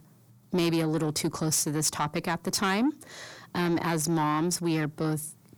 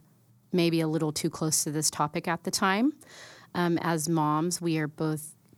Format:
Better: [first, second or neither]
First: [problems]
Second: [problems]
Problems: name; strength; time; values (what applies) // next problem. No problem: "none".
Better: second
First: distortion; slight; 10 dB below the speech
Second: none